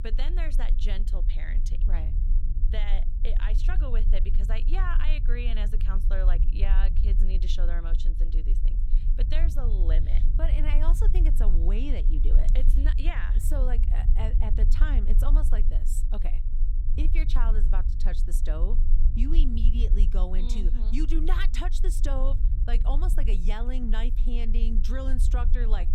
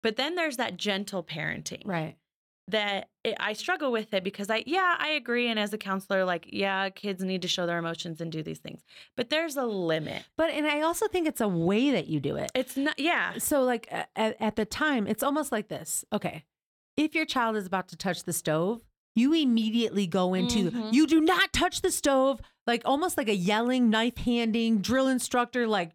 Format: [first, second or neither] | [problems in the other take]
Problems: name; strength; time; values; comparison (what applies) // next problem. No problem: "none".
second | low rumble; loud; throughout; 10 dB below the speech